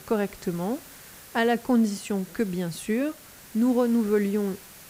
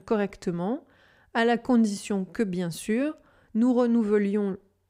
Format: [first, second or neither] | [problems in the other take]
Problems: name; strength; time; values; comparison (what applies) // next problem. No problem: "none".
second | hiss; noticeable; throughout; 20 dB below the speech